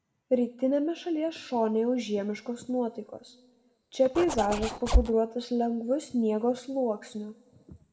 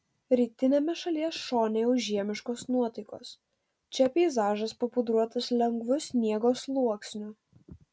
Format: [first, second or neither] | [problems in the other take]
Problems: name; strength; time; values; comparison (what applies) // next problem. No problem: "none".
second | background sound (Zipper (clothing)); 2 dB above the speech // room echo; dies away in 1.6 s